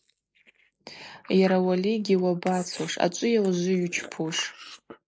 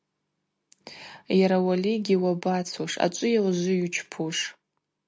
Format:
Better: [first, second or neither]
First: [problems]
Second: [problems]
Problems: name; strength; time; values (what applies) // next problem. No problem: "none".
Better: second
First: noise reduction (neural mask model Resemble Enhance denoiser)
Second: none